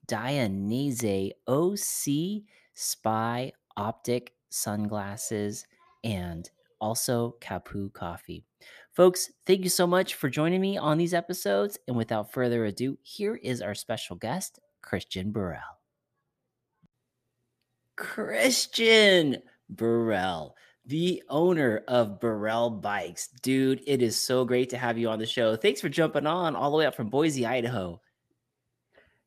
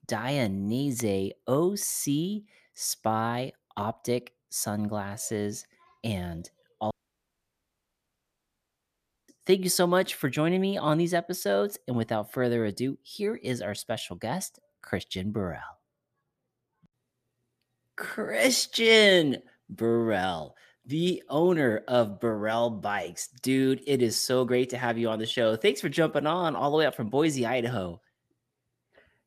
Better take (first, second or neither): first